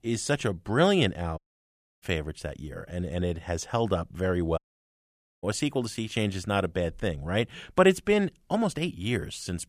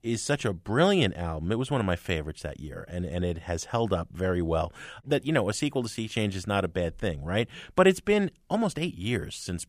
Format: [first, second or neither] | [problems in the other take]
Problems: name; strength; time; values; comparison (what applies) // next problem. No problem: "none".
second | audio cutting out; at 1.5 s for 0.5 s and at 4.5 s for 1 s